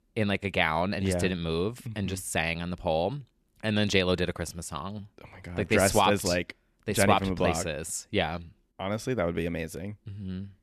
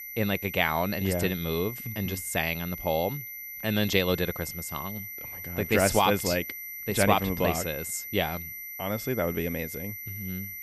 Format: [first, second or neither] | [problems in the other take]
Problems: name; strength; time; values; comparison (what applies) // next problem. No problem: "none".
first | high-pitched whine; loud; throughout; 2 kHz, 8 dB below the speech